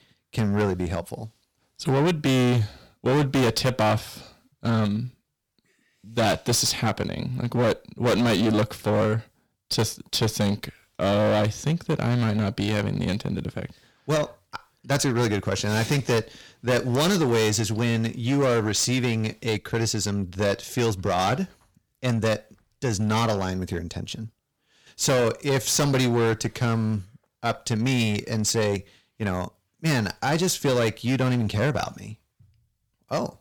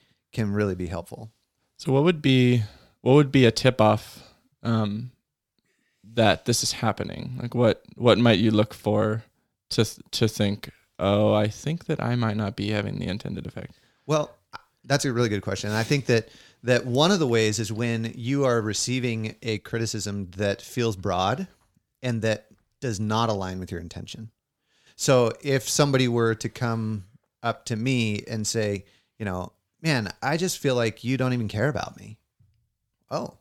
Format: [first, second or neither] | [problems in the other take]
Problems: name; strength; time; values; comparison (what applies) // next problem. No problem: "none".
second | distortion; heavy; 13% of the sound clipped